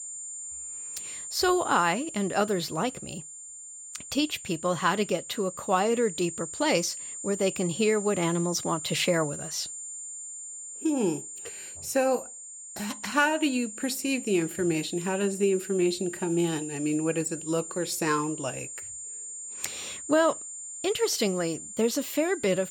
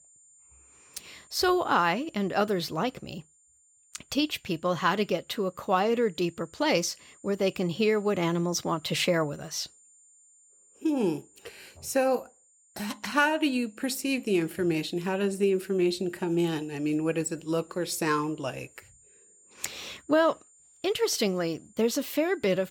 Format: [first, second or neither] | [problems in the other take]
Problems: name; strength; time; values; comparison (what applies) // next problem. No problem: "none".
second | high-pitched whine; loud; throughout; 7 kHz, 9 dB below the speech; faint in the second